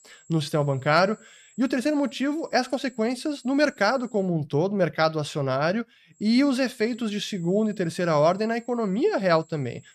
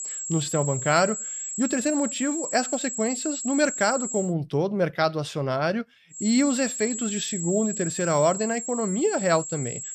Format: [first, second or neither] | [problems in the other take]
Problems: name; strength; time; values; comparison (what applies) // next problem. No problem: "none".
first | high-pitched whine; loud; until 4.5 s and from 6 s on; 7.5 kHz, 5 dB below the speech; faint in the first